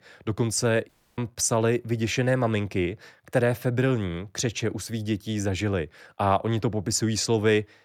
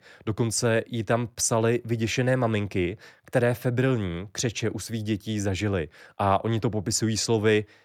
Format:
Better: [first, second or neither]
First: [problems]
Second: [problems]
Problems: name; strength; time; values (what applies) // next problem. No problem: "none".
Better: second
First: audio cutting out; at 1 s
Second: none